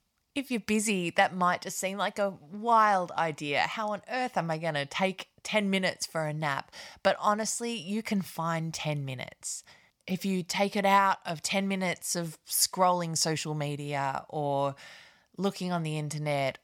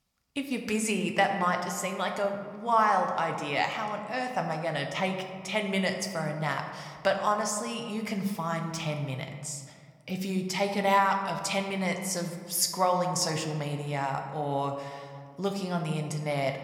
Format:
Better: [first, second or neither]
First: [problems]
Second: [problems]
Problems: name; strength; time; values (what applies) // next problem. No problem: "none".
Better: first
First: none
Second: room echo; slight; dies away in 1.4 s